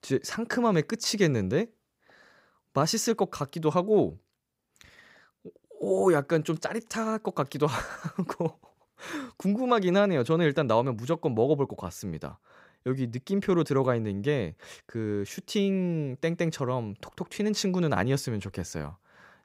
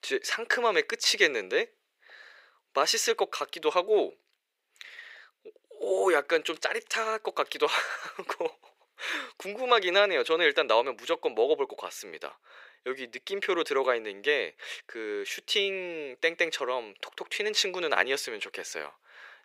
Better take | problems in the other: first | thin; very; fading below 400 Hz

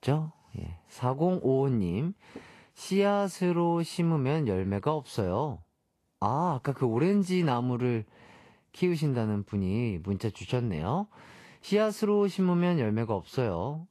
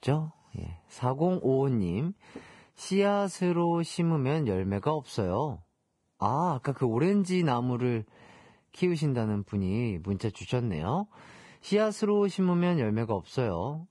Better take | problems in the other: first | garbled, watery; badly; nothing above 10.5 kHz; slightly in the first

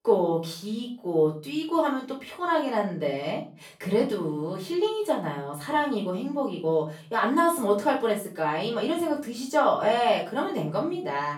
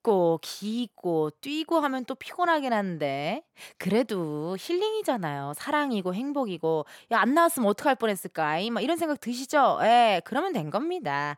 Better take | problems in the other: second | room echo; slight; dies away in 0.4 s // off-mic speech; far

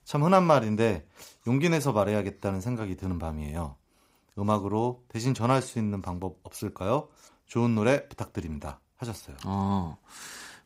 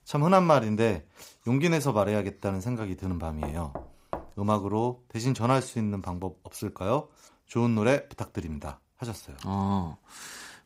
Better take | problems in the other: first | door banging; faint; at 3.5 s; peak 10 dB below the speech

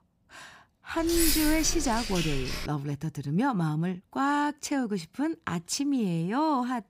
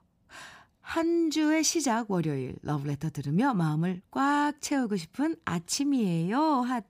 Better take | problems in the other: second | jangling keys; loud; from 1 to 2.5 s; peak 3 dB above the speech

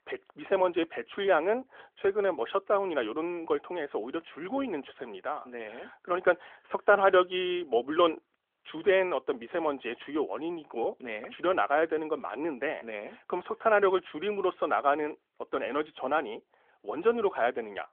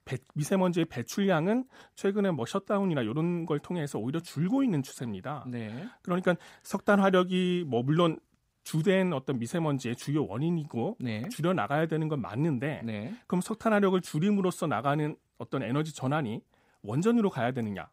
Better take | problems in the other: second | phone-call audio; nothing above 3.5 kHz

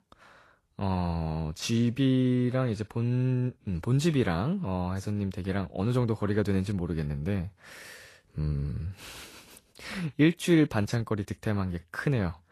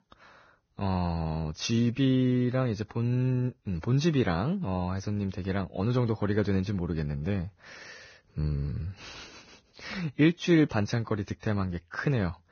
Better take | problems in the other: first | garbled, watery; badly; nothing above 6.5 kHz; slightly in the first

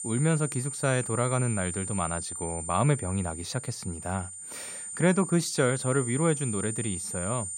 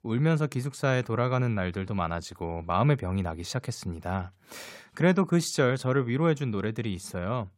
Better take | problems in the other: second | high-pitched whine; loud; throughout; 9 kHz, 6 dB below the speech

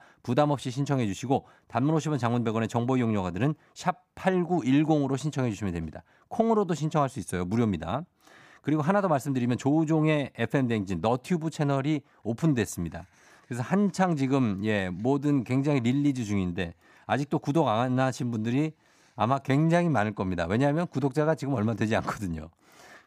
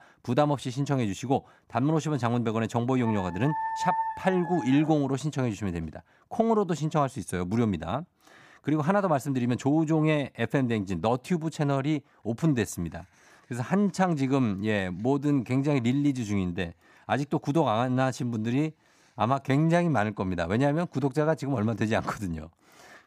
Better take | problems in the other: first | dog barking; noticeable; from 3 to 5 s; peak 2 dB below the speech

